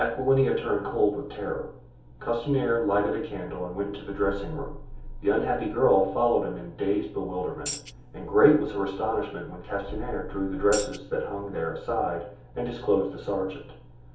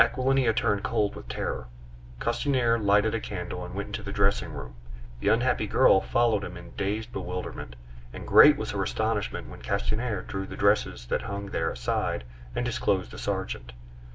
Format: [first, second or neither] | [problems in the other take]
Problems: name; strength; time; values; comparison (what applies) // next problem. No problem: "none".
second | background sound (Tambourine); 11 dB below the speech // room echo; dies away in 0.6 s